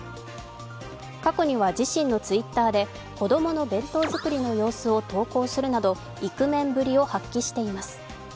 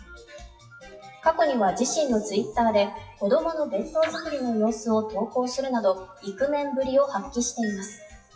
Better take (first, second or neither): first